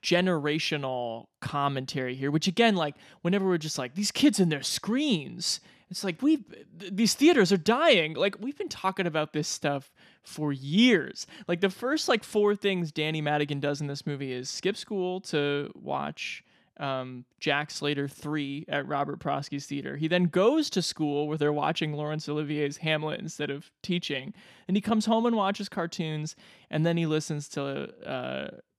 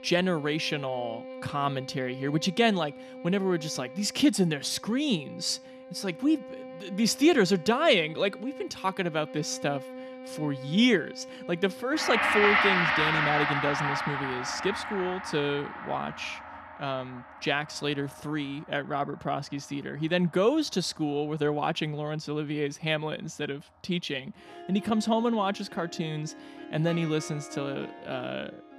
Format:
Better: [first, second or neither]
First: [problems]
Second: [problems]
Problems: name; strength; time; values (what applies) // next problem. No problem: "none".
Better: first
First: none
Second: background music; loud; throughout; 4 dB below the speech